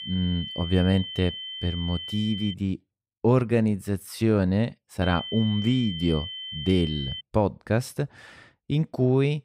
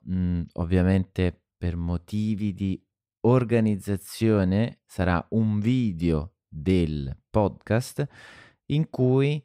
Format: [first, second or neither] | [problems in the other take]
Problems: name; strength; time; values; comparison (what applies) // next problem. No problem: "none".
second | high-pitched whine; loud; until 2.5 s and from 5 to 7 s; 3 kHz, 8 dB below the speech